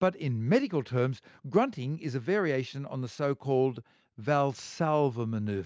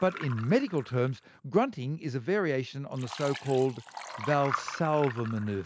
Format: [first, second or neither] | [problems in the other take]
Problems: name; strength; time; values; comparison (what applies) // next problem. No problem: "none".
first | background sound (Liquid); 13 dB below the speech